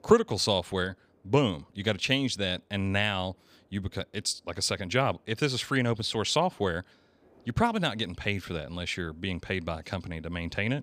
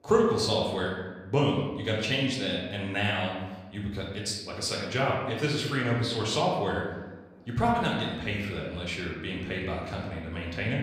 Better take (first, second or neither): first